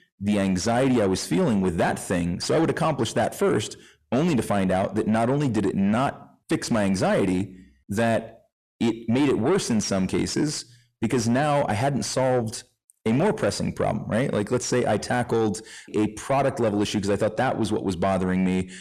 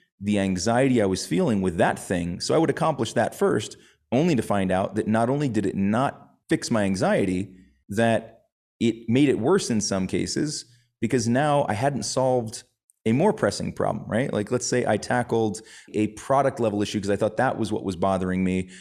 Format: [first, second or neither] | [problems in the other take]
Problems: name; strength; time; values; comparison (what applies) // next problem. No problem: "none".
second | distortion; slight; 10 dB below the speech